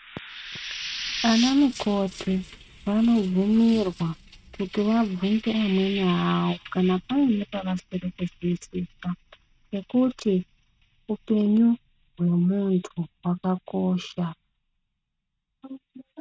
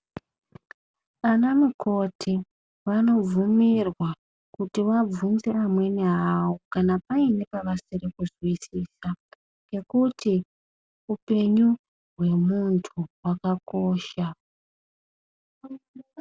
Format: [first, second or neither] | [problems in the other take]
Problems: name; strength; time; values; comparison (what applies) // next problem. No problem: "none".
second | noise reduction (neural mask model RNNoise)